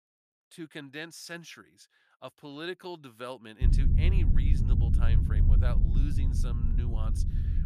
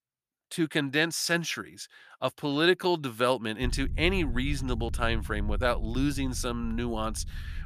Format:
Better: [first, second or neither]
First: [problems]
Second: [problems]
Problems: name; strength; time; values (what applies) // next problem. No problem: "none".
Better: second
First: low rumble; loud; from 3.5 s on; 1 dB below the speech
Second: low rumble; faint; from 3.5 s on; 25 dB below the speech